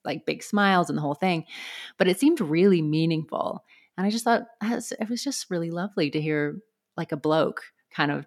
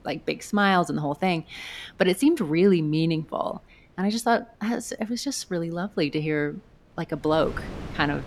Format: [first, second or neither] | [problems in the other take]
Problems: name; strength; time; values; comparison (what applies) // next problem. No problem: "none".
first | wind noise on the microphone; occasional gusts; 25 dB below the speech